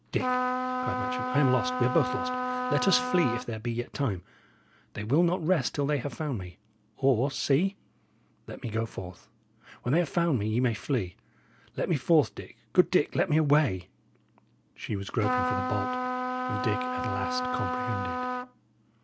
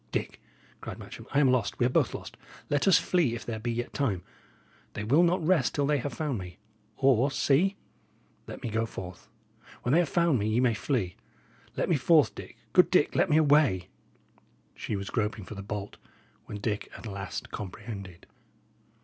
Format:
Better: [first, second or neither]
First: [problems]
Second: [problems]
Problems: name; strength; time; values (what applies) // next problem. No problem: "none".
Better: second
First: background sound (Trumpet); 1 dB below the speech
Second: none